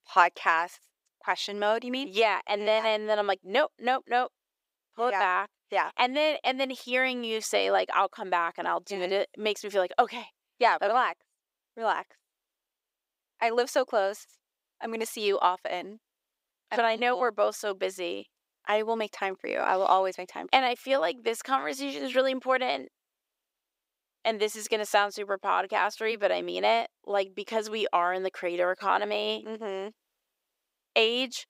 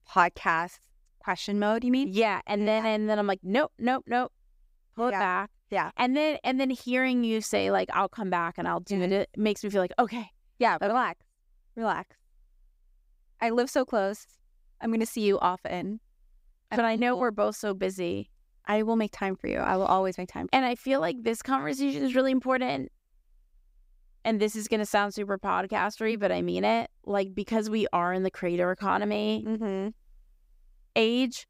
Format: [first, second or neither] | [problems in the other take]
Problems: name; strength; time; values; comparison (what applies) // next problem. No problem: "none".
second | thin; somewhat; fading below 500 Hz